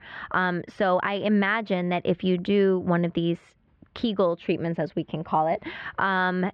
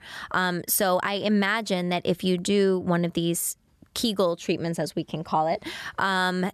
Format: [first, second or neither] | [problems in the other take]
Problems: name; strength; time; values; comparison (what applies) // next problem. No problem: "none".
second | muffled; very; fading above 3 kHz